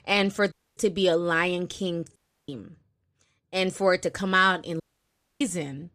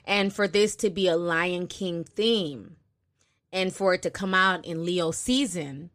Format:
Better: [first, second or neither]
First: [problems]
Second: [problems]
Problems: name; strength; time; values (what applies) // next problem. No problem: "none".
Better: second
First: audio cutting out; at 0.5 s, at 2 s and at 5 s for 0.5 s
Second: none